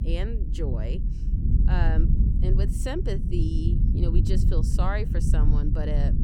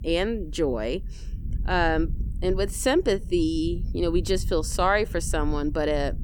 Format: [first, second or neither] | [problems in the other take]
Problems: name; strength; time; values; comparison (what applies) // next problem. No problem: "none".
second | low rumble; loud; throughout; 4 dB below the speech; faint in the second